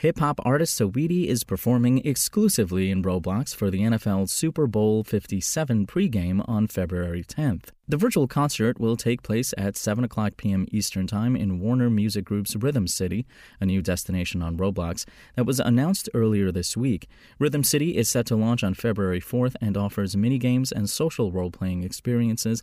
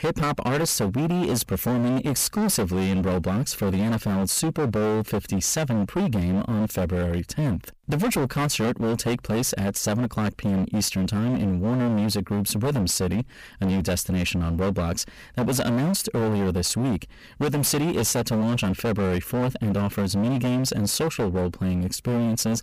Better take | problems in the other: first | distortion; heavy; 30% of the sound clipped

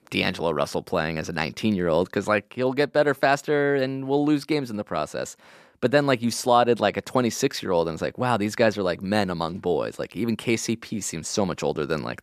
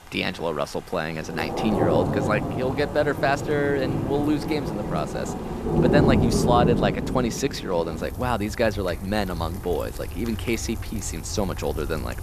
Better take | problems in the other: first | rain or running water; loud; throughout; 1 dB below the speech

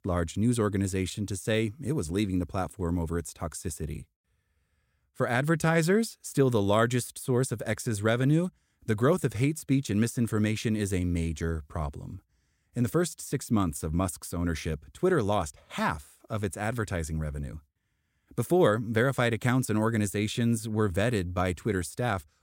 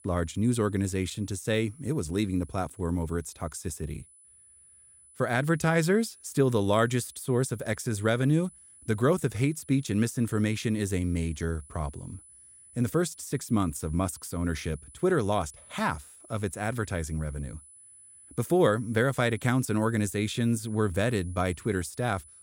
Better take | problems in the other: first | high-pitched whine; faint; throughout; 10 kHz, 20 dB below the speech

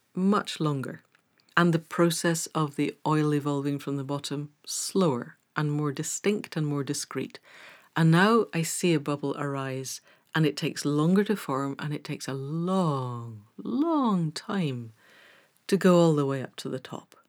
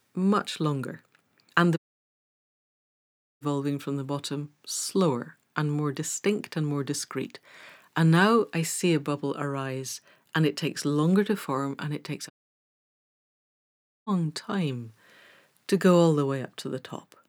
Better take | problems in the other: first | audio cutting out; at 2 s for 1.5 s and at 12 s for 2 s

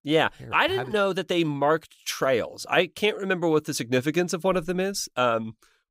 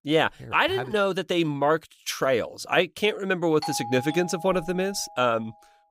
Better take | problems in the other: first | doorbell; noticeable; from 3.5 to 5.5 s; peak 8 dB below the speech

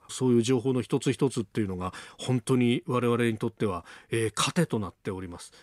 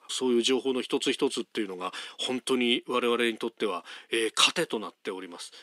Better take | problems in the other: first | thin; very slightly; fading below 250 Hz

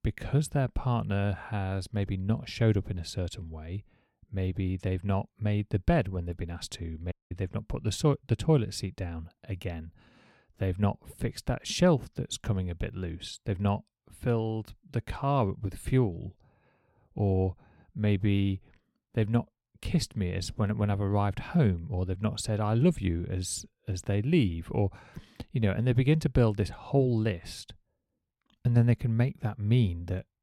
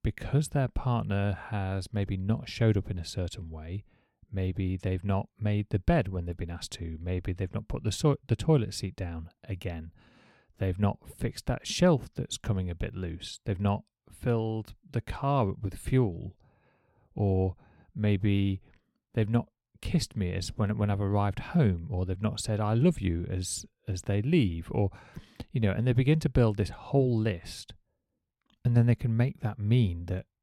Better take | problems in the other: second | audio cutting out; at 7 s

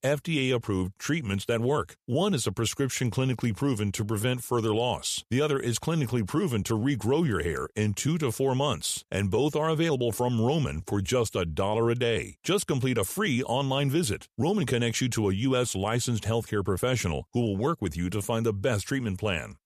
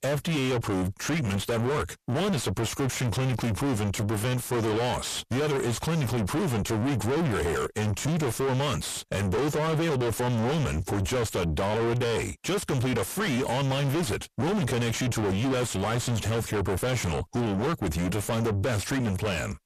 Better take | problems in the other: first | distortion; heavy; 5 dB below the speech

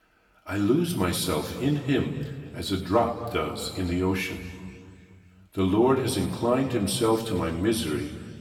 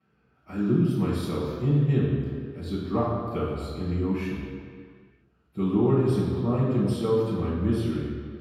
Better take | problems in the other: first | room echo; strong; dies away in 2 s; slight in the first // off-mic speech; far; somewhat distant in the first

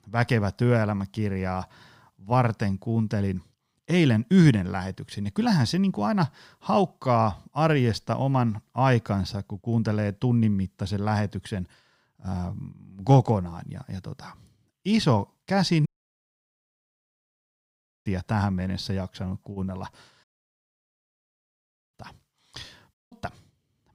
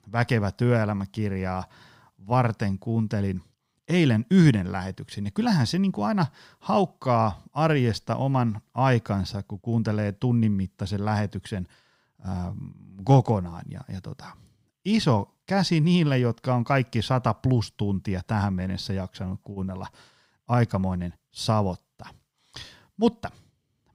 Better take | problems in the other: second | audio cutting out; at 16 s for 2 s, at 20 s for 1.5 s and at 23 s

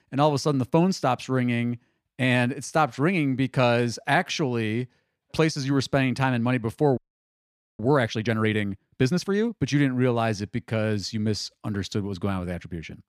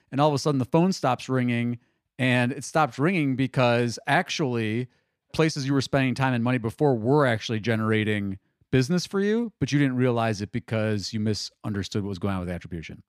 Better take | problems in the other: second | audio freezing; at 7 s for 1 s

